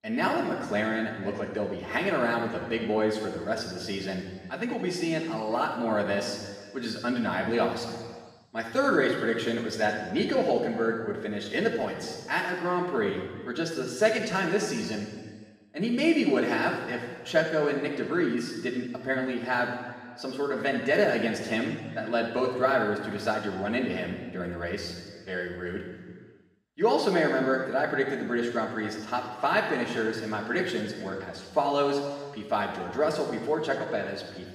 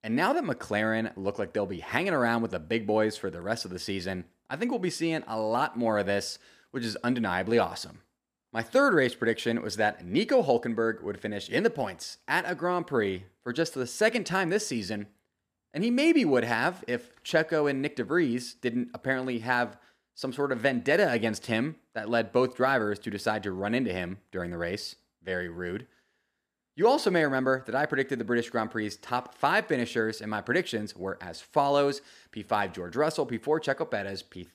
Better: second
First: room echo; noticeable; dies away in 1.5 s // off-mic speech; far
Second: none

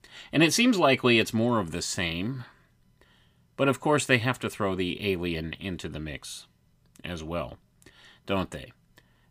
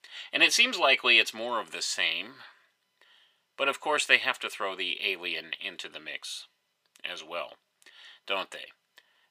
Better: first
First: none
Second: thin; very; fading below 600 Hz

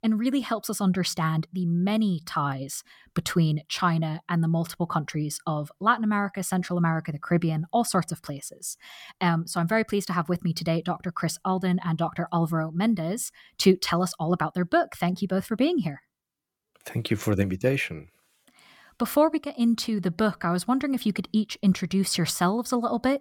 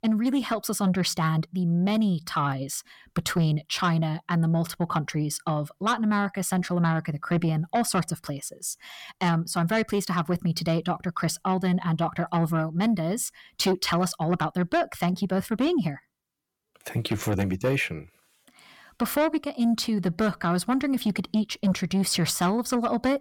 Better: first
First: none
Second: distortion; slight; 10 dB below the speech

